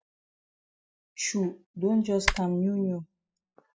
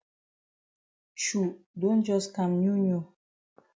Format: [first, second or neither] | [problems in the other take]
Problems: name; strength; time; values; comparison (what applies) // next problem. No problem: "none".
second | noise reduction (classical method spectral subtraction)